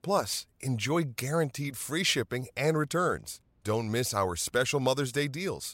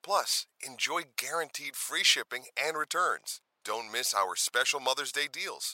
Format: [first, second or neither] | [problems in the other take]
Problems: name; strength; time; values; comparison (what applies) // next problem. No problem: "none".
first | thin; very; fading below 900 Hz